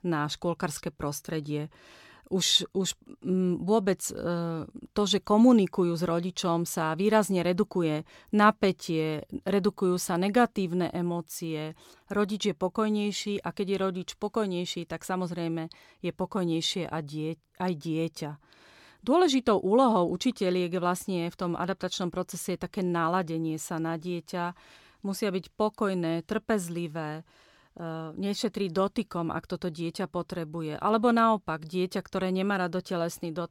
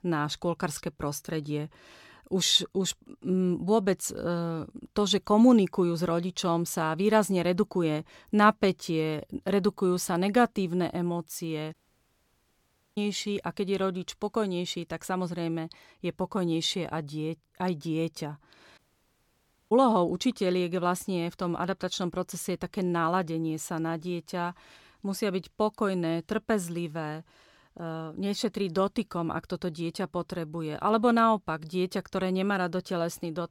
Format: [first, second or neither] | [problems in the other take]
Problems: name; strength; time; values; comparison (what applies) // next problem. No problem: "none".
first | audio cutting out; at 12 s for 1 s and at 19 s for 1 s